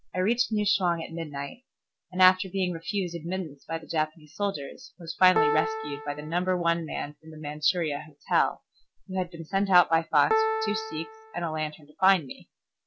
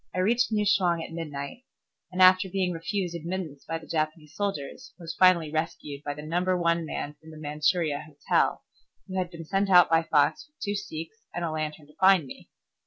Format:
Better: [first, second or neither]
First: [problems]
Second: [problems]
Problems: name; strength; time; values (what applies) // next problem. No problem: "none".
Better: second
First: background sound (Piano); 4 dB below the speech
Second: none